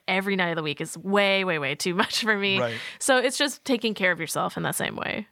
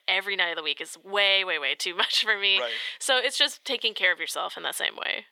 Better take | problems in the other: first | thin; very; fading below 400 Hz

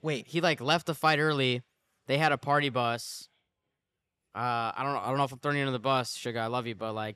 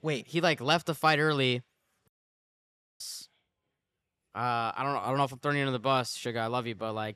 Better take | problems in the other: first | audio cutting out; at 2 s for 1 s

